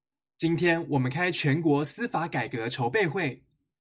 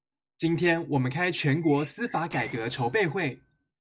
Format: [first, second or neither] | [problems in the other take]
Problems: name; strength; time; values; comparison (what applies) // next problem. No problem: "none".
first | background sound (Bird + Explosion); 18 dB below the speech